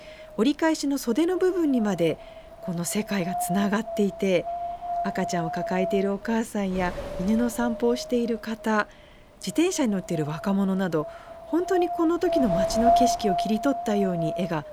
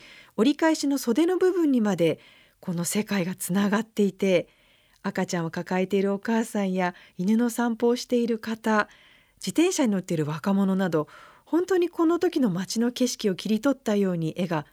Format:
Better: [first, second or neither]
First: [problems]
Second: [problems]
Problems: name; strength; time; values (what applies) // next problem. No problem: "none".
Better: second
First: wind noise on the microphone; heavy; as loud as the speech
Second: none